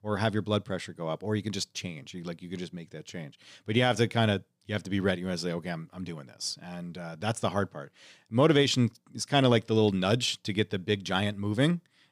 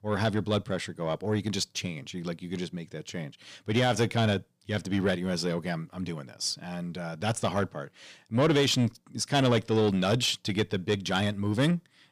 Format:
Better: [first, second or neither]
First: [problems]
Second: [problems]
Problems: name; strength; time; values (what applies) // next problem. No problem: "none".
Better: first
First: none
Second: distortion; slight; 10 dB below the speech